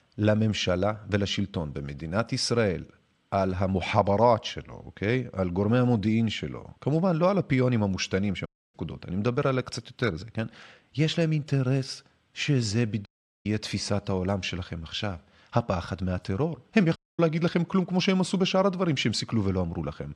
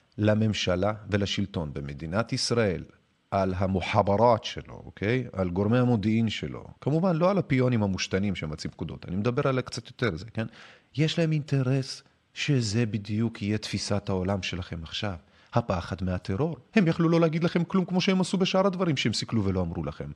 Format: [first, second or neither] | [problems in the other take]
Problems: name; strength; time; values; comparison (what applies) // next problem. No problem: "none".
second | audio cutting out; at 8.5 s, at 13 s and at 17 s